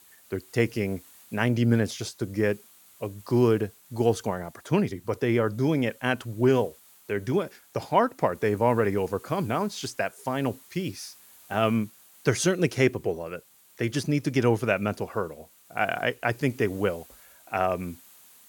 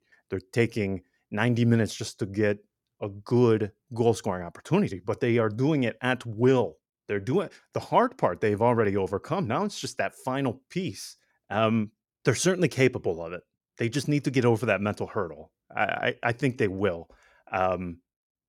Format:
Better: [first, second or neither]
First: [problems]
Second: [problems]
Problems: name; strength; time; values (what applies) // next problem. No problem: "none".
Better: second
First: hiss; faint; throughout; 25 dB below the speech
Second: none